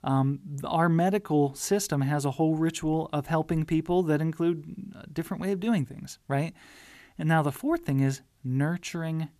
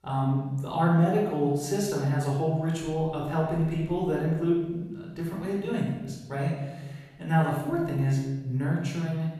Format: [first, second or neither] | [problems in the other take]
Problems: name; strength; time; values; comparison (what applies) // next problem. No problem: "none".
first | off-mic speech; far // room echo; noticeable; dies away in 1.1 s